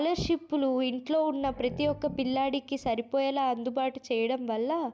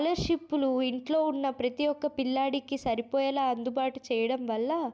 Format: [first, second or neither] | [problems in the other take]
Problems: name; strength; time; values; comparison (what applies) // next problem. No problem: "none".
second | background sound (Growling); 17 dB below the speech